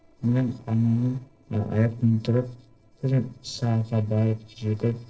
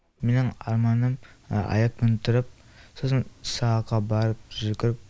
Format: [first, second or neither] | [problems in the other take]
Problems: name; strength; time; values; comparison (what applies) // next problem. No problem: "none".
second | noise reduction (neural separator model SepFormer DNS4)